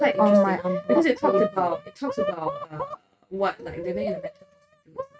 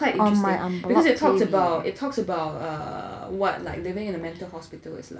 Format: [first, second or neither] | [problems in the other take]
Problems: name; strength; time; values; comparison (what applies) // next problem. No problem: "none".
second | noise reduction (neural mask model RNNoise)